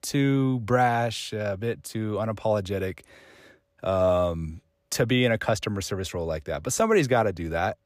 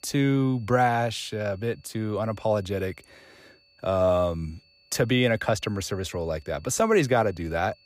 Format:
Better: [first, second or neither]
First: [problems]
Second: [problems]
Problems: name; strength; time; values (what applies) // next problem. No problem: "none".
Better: first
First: none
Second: high-pitched whine; faint; throughout; 4.5 kHz, 30 dB below the speech